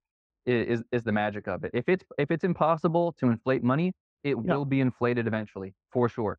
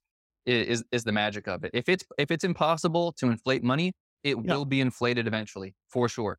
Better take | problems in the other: second | muffled; very; fading above 1.5 kHz

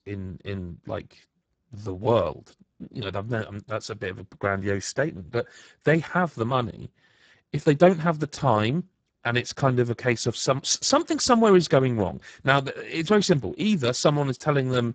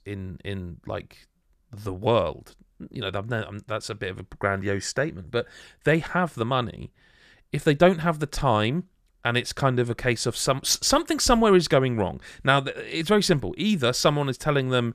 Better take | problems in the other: second | garbled, watery; badly; nothing above 7.5 kHz

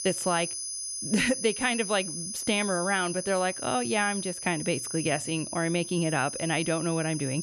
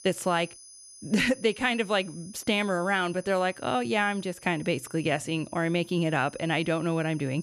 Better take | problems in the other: second | high-pitched whine; loud; throughout; 10 kHz, 5 dB below the speech; faint in the second

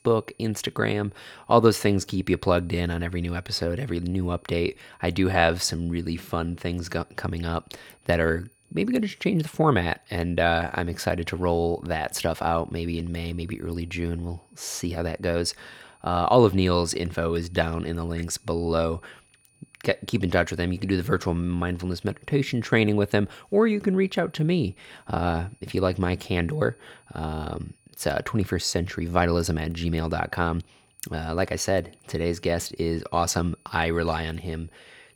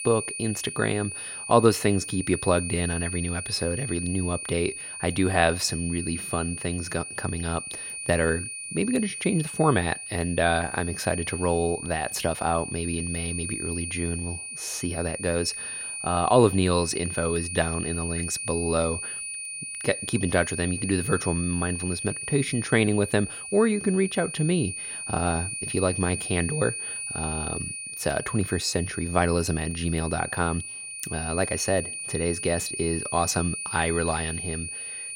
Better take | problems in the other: first | high-pitched whine; loud; throughout; 9.5 kHz, 6 dB below the speech; faint in the first

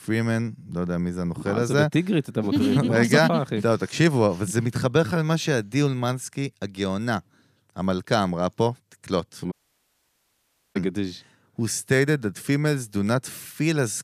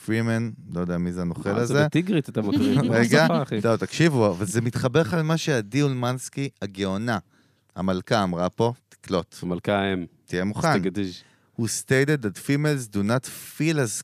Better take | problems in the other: second | audio cutting out; at 9.5 s for 1 s

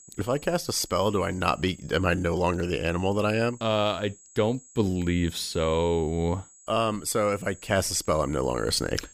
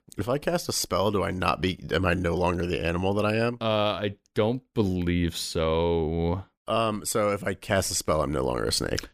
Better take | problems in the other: second | high-pitched whine; faint; throughout; 7.5 kHz, 20 dB below the speech

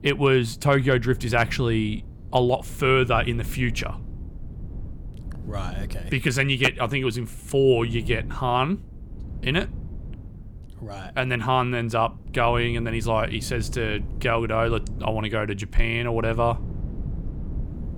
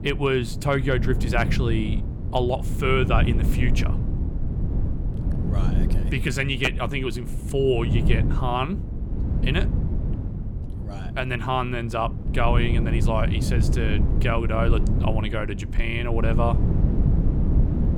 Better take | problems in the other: first | low rumble; loud; throughout; 10 dB below the speech; faint in the first

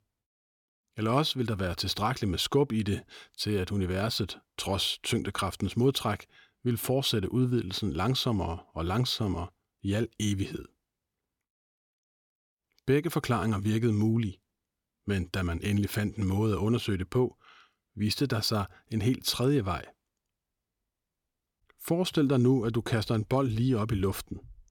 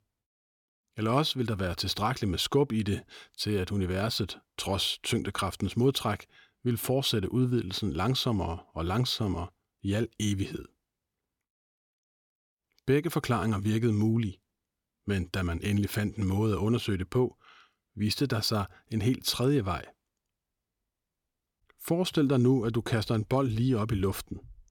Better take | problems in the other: neither | none

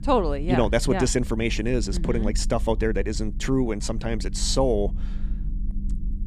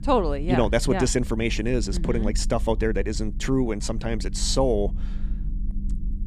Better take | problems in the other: neither | low rumble; faint; throughout; 20 dB below the speech; the same in both

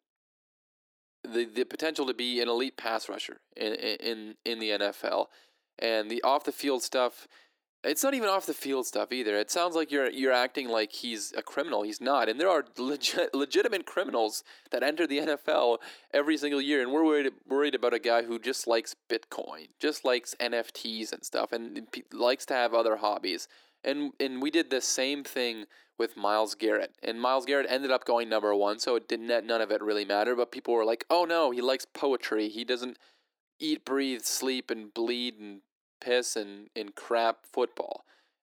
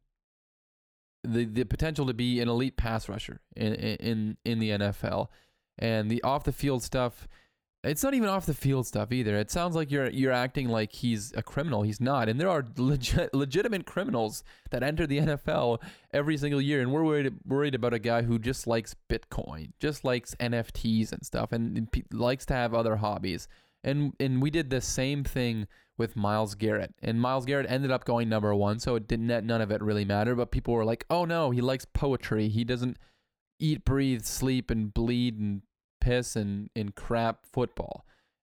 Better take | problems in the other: second | thin; somewhat; fading below 300 Hz

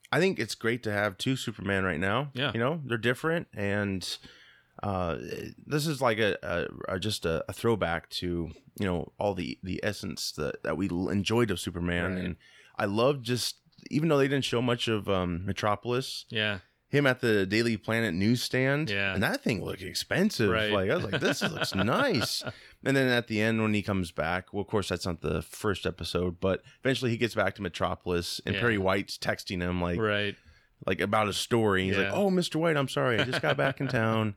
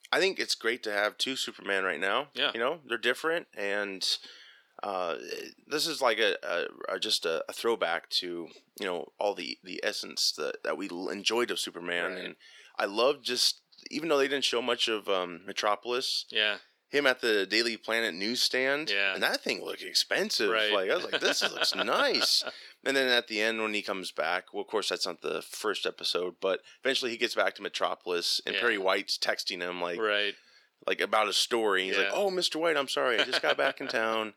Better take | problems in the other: first | thin; somewhat; fading below 350 Hz

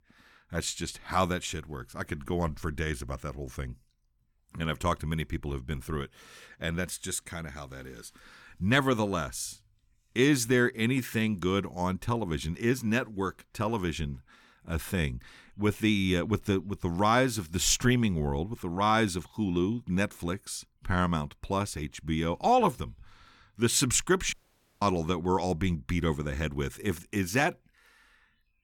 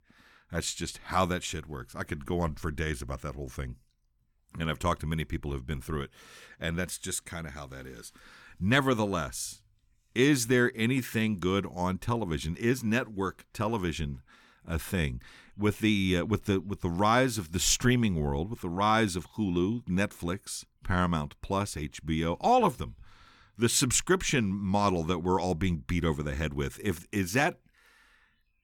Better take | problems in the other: second | audio cutting out; at 24 s

